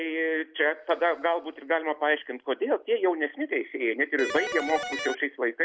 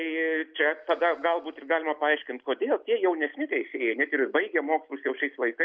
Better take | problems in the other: second | background sound (Electric guitar); 5 dB below the speech

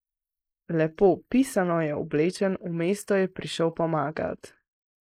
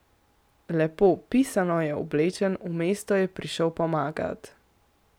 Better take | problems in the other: second | noise reduction (neural mask model Resemble Enhance denoiser)

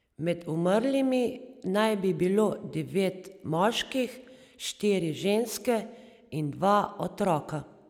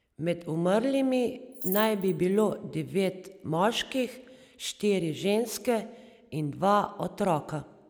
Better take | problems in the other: first | background sound (Rattle / Keys jangling); 13 dB below the speech

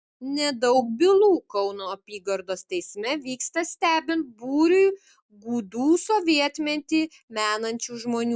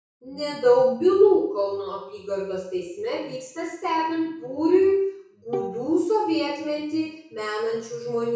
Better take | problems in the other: first | background sound (Bowed string instrument); 13 dB below the speech // room echo; dies away in 0.6 s

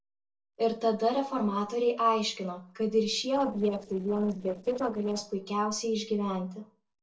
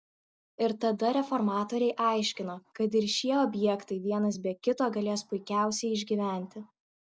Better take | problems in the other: second | noise reduction (neural separator model SepFormer DNS4)

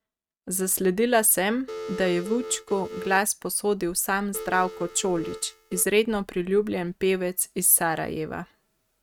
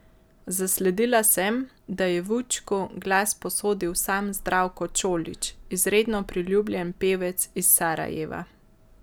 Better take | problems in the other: second | noise reduction (neural mask model RNNoise)

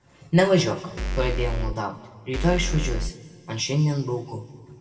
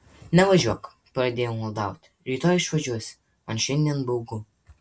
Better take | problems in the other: second | background sound (Bass drum / Keyboard (musical)); 1 dB below the speech // room echo; dies away in 1.6 s

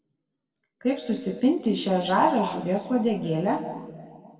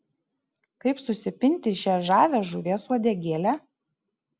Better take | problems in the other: second | noise reduction (neural separator model SepFormer DNS4)

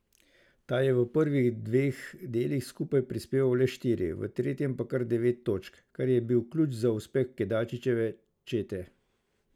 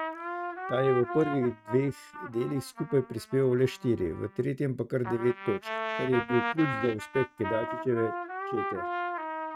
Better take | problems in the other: first | noise reduction (neural mask model RNNoise)

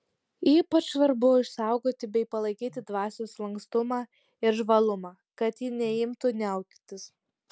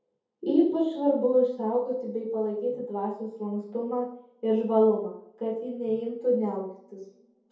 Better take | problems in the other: first | room echo; dies away in 0.7 s

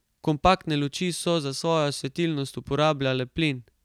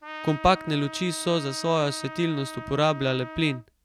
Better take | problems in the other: first | background sound (Trumpet); 13 dB below the speech

